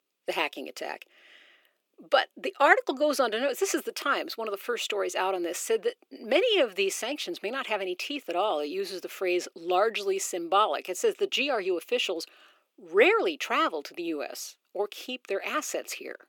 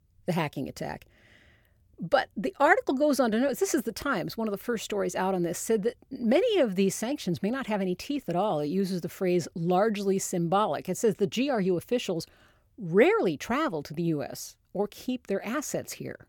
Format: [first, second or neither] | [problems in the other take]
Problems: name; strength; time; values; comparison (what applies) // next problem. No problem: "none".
second | thin; somewhat; fading below 300 Hz